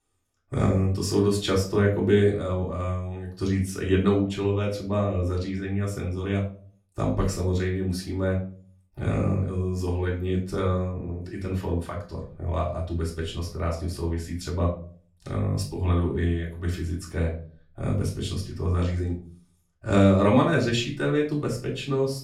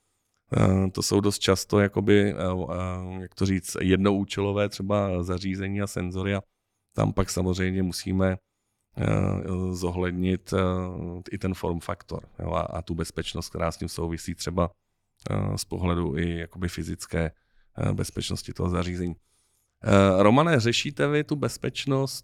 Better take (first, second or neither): second